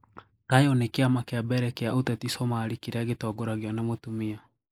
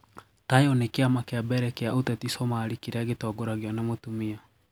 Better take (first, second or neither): second